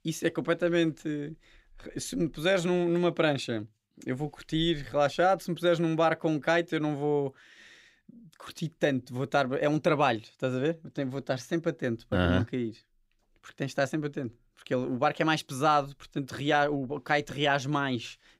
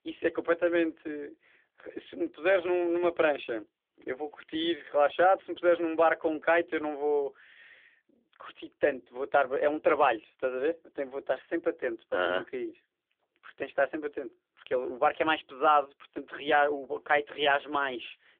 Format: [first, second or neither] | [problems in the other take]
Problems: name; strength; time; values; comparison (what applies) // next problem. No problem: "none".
first | phone-call audio; nothing above 3.5 kHz